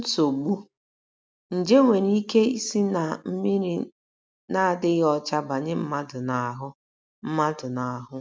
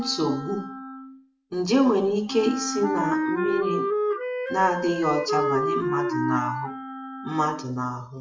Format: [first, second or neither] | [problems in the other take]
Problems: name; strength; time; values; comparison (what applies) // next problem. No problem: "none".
first | noise reduction (classical method WPE with log-MMSE)